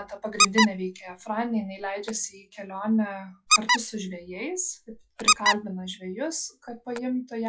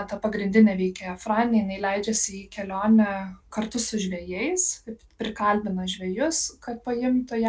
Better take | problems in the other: second | noise reduction (classical method log-MMSE)

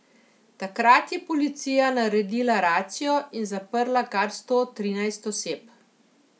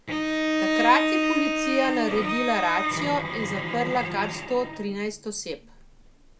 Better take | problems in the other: first | background sound (Bowed string instrument); as loud as the speech

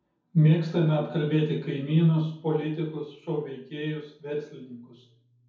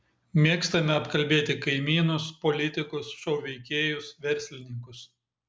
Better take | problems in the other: second | room echo; dies away in 0.6 s

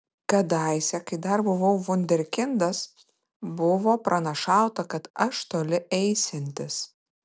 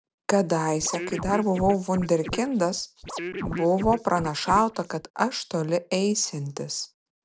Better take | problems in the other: first | background sound (Scratching (performance technique)); 10 dB below the speech

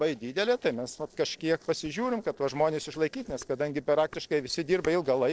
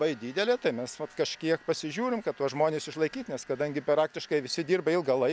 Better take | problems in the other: second | noise reduction (neural separator model SepFormer DNS4)

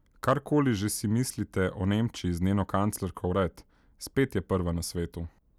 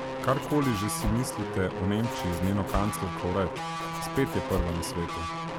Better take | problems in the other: first | background sound (Zipper (clothing) + Guitar); 3 dB below the speech

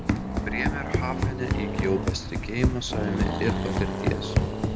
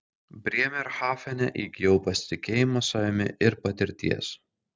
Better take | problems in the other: second | background sound (Accelerating, revving, vroom + Run); 5 dB above the speech

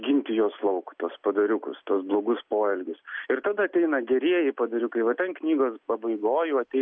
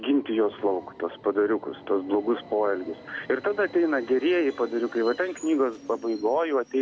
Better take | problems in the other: first | background sound (Subway, metro, underground); 20 dB below the speech

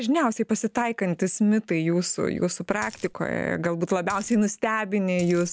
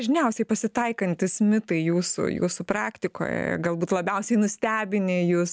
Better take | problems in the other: second | background sound (Coin (dropping)); 19 dB below the speech

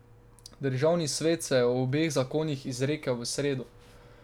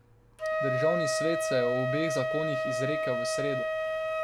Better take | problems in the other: first | background sound (Wind instrument, woodwind instrument); 3 dB above the speech

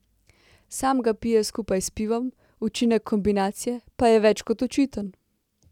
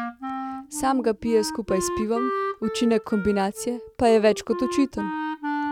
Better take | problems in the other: first | background sound (Wind instrument, woodwind instrument); 6 dB below the speech

